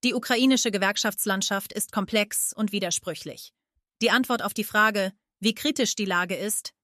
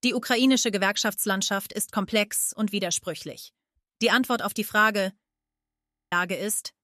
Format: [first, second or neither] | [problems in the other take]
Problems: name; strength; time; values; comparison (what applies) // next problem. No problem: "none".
first | audio freezing; at 5.5 s for 1 s